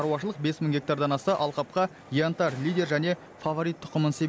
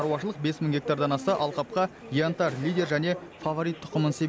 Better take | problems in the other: first | background sound (Subway, metro, underground); 14 dB below the speech

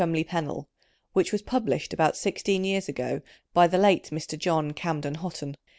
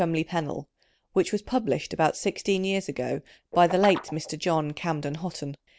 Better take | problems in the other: first | background sound (Guitar); 14 dB below the speech

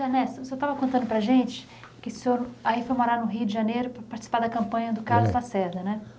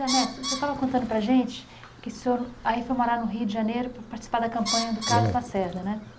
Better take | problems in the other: first | background sound (Bird); 10 dB below the speech

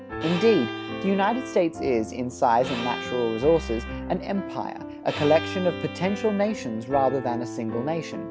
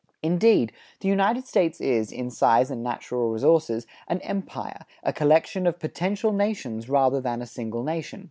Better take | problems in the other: second | background sound (Bowed string instrument + Piano); 8 dB below the speech

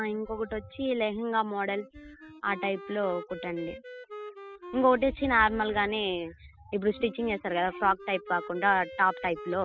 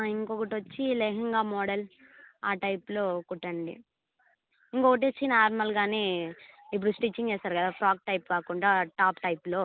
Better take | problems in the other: second | noise reduction (classical method spectral subtraction)

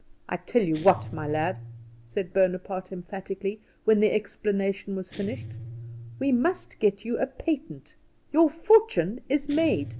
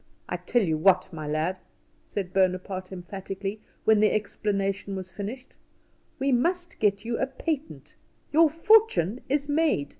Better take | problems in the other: second | background sound (Guitar); 17 dB below the speech

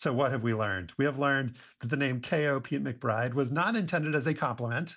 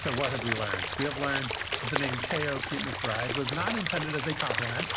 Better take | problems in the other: first | background sound (Stream / Liquid); as loud as the speech

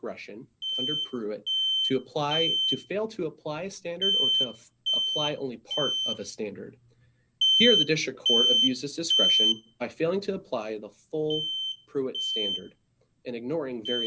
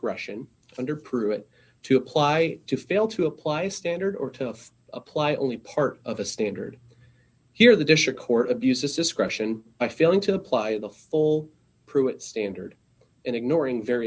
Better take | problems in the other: second | background sound (Alarm); 3 dB above the speech

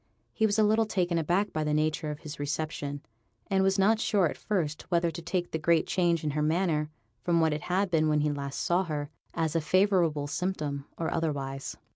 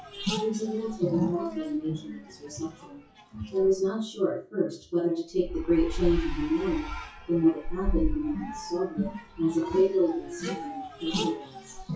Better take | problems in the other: first | noise reduction (classical method WPE with log-MMSE)

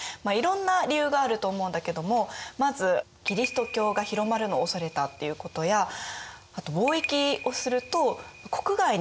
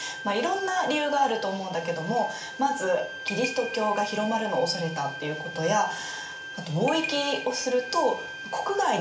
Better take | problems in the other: first | background sound (Bowed string instrument); 11 dB below the speech // room echo; dies away in 0.4 s

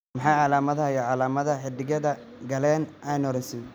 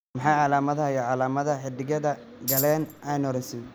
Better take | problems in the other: first | background sound (Tambourine); 5 dB below the speech

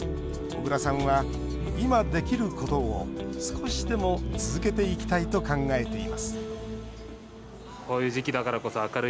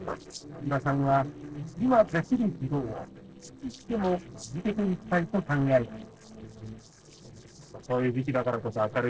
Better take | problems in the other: first | noise reduction (neural separator model SepFormer DNS4)

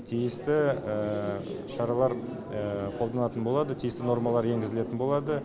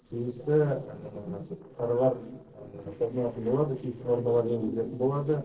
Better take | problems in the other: first | noise reduction (neural separator model SepFormer DNS4)

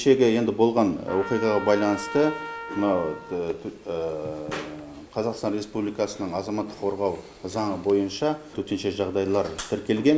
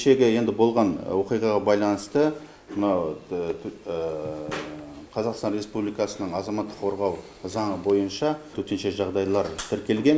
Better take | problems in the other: second | background sound (Trumpet); 12 dB below the speech

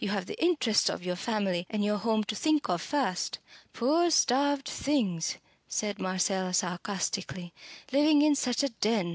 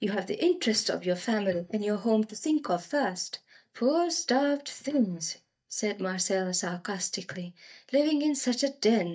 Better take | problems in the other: first | noise reduction (neural mask model DeepFilterNet 3)

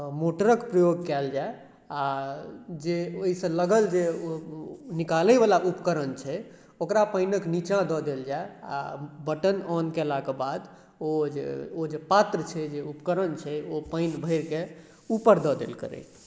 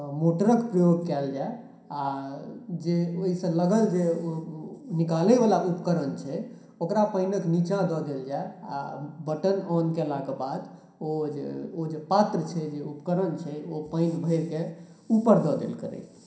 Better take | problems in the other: first | room echo; dies away in 0.5 s

